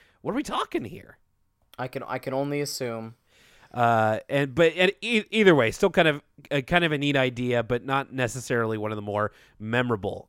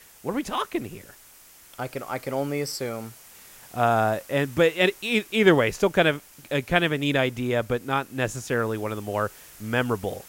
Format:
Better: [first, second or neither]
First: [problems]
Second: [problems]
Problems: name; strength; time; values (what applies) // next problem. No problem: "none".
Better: first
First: none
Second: hiss; faint; throughout; 20 dB below the speech